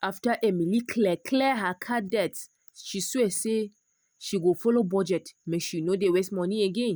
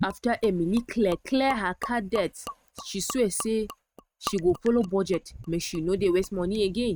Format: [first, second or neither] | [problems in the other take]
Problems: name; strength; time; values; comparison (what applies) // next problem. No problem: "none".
first | noise reduction (neural mask model RNNoise)